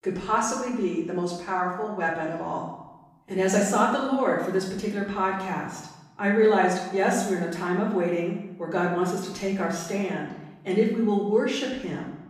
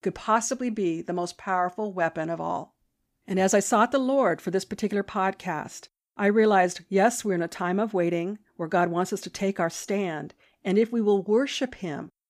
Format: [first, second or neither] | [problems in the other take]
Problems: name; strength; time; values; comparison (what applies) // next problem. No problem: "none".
second | off-mic speech; far // room echo; noticeable; dies away in 0.8 s